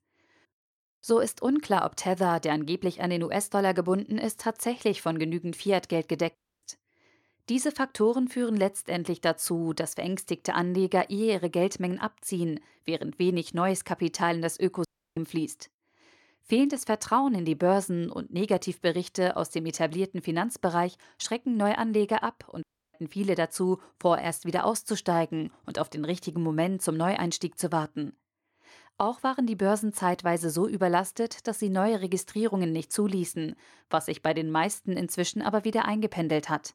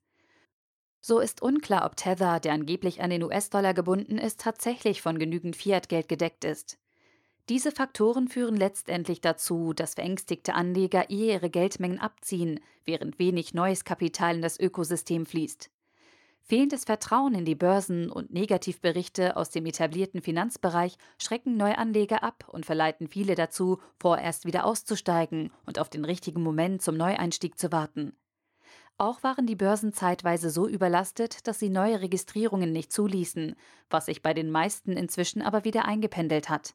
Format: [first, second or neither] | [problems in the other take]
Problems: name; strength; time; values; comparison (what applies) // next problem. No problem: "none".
second | audio cutting out; at 6.5 s, at 15 s and at 23 s